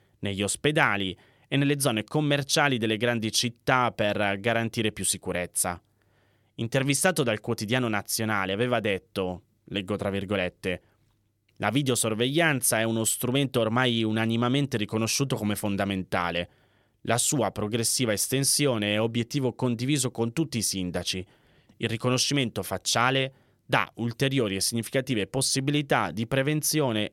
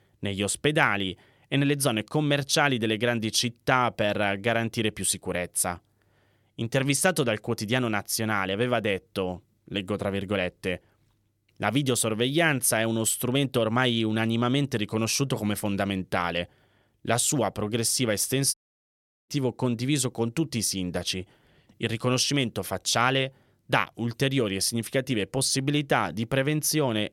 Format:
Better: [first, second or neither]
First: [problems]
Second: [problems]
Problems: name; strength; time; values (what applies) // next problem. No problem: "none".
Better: first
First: none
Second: audio cutting out; at 19 s for 0.5 s